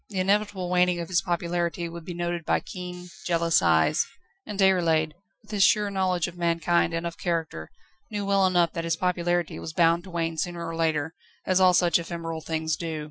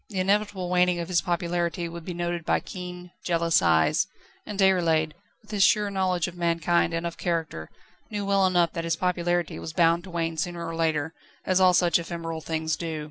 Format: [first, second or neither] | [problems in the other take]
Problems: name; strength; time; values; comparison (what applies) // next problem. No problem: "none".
second | noise reduction (classical method Wiener filter)